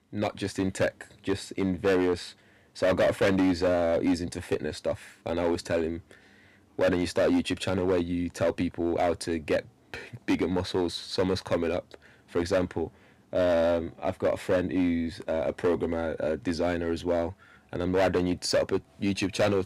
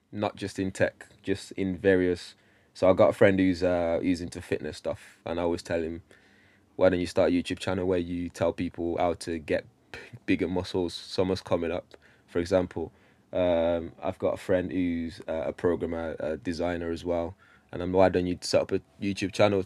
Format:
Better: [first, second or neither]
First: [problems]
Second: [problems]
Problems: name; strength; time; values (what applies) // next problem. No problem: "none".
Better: second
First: distortion; heavy; 7% of the sound clipped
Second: none